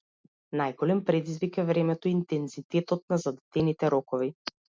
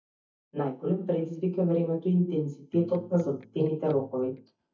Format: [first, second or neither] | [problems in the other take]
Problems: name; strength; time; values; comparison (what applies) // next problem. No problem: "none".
first | noise reduction (neural mask model DeepFilterNet 3)